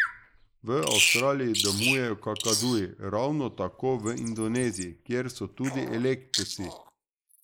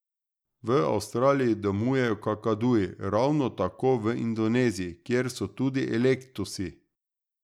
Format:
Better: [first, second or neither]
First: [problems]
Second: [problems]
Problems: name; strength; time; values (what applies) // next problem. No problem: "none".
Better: second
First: noise reduction (neural mask model Resemble Enhance denoiser)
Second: none